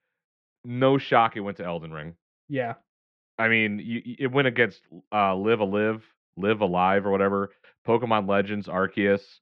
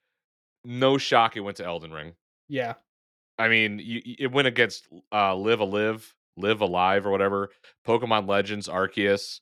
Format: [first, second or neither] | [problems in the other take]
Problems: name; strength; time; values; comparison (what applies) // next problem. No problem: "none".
second | muffled; very; fading above 2.5 kHz